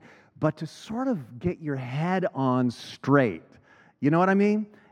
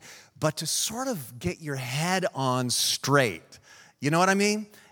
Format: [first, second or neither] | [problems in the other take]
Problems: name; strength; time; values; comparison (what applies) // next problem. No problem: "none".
second | muffled; very; fading above 4 kHz